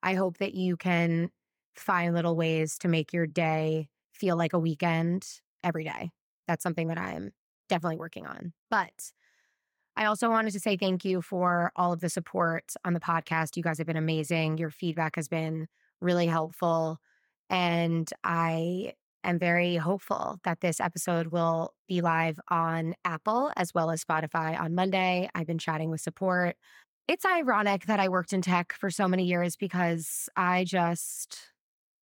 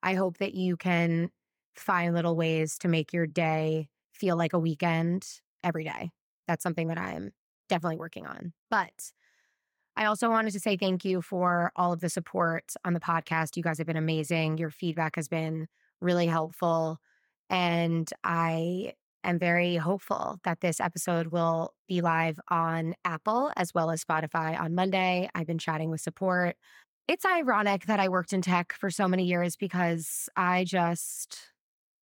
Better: neither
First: none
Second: none

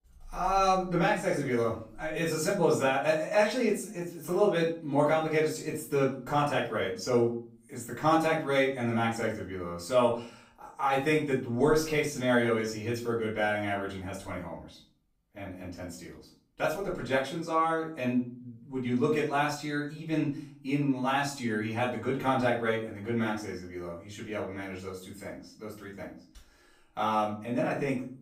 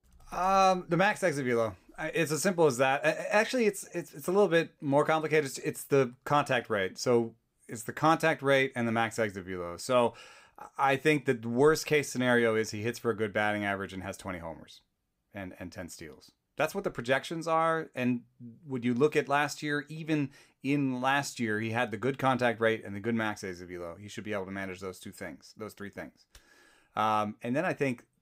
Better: second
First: off-mic speech; far // room echo; slight; dies away in 0.4 s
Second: none

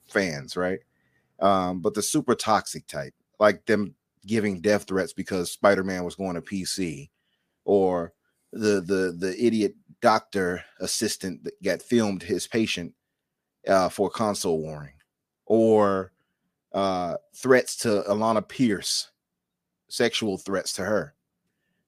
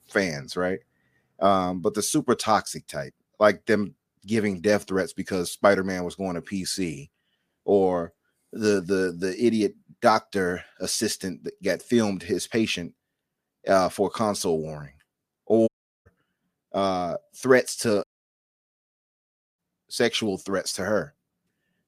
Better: first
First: none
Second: audio cutting out; at 16 s and at 18 s for 1.5 s

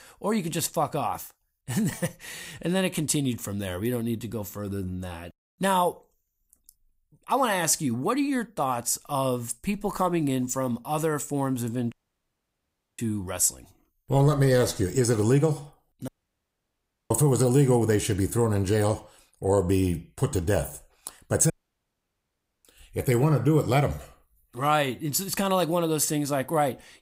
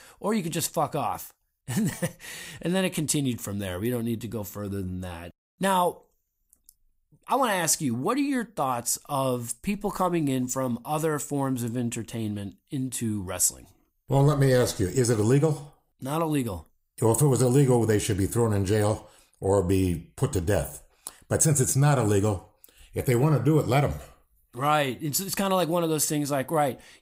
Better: second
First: audio cutting out; at 12 s for 1 s, at 16 s for 1 s and at 22 s for 1 s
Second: none

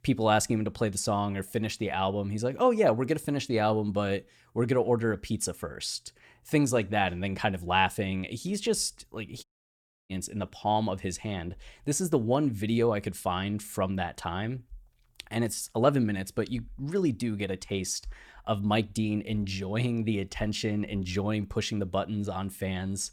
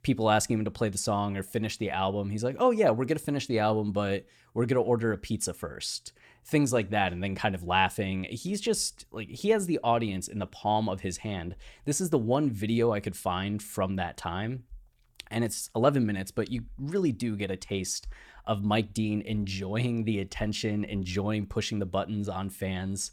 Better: second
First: audio cutting out; at 9.5 s for 0.5 s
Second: none

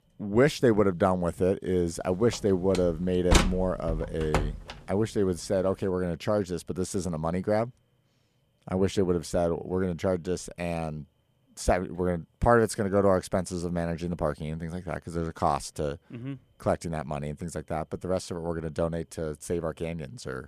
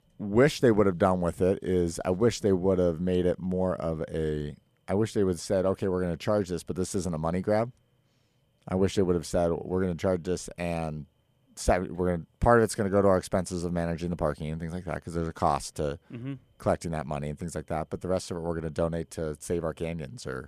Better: second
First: door banging; loud; from 3 to 4.5 s; peak 4 dB above the speech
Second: none

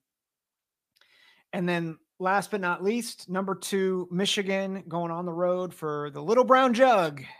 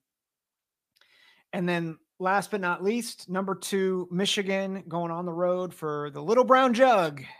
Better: neither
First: none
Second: none

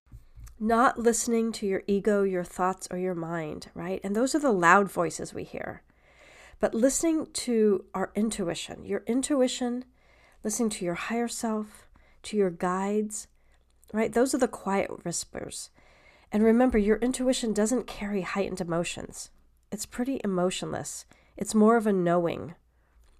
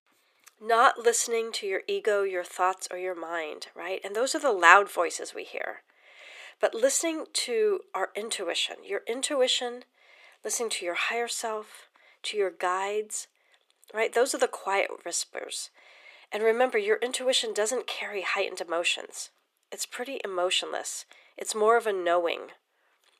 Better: first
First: none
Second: thin; very; fading below 400 Hz

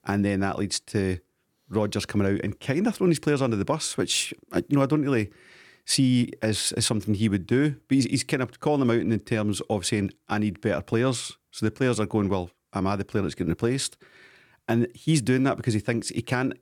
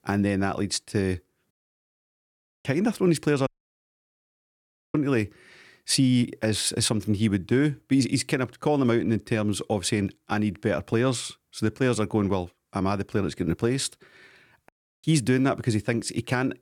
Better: first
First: none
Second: audio cutting out; at 1.5 s for 1 s, at 3.5 s for 1.5 s and at 15 s

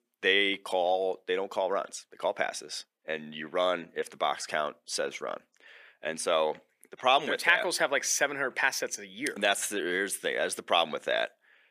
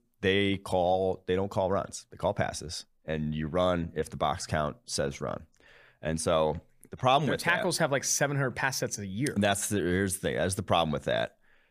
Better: second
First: thin; somewhat; fading below 300 Hz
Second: none

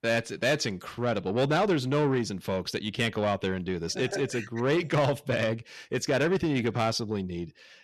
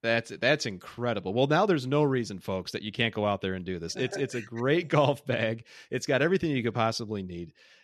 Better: second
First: distortion; slight; 10 dB below the speech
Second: none

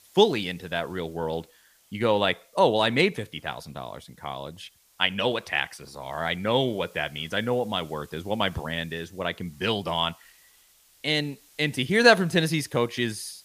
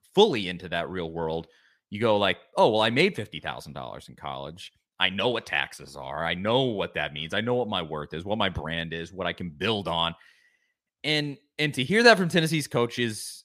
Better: second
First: hiss; faint; throughout; 30 dB below the speech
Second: none

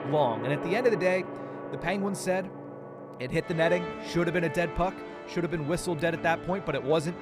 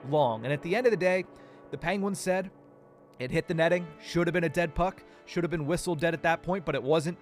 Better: second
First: background music; loud; throughout; 9 dB below the speech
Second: background music; faint; throughout; 25 dB below the speech

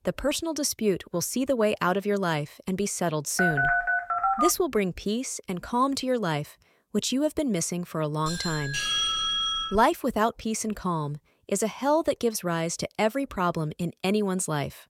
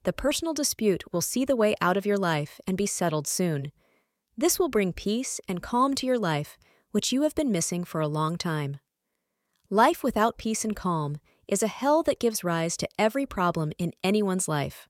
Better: second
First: phone ringing; loud; from 3.5 to 4.5 s; peak 4 dB above the speech // doorbell; loud; from 8.5 to 10 s; peak 4 dB above the speech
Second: none

